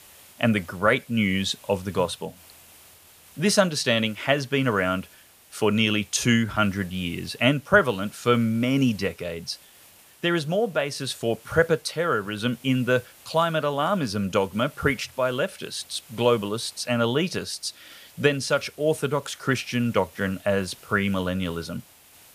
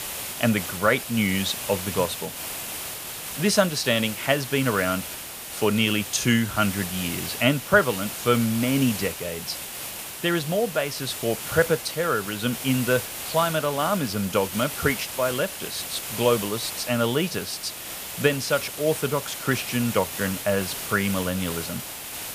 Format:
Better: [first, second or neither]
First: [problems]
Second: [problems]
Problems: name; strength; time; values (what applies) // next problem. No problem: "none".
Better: first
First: hiss; faint; throughout; 25 dB below the speech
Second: hiss; loud; throughout; 7 dB below the speech